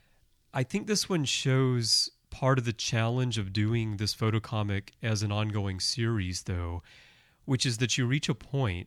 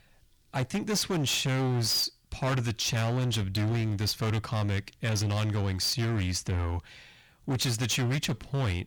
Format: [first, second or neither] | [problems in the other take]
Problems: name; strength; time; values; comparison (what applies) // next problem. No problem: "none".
first | distortion; heavy; 25% of the sound clipped